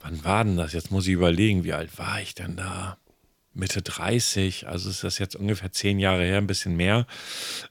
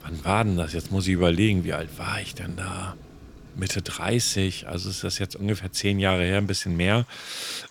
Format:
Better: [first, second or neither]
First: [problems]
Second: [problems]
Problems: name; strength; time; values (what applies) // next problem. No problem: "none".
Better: first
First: none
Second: rain or running water; faint; throughout; 20 dB below the speech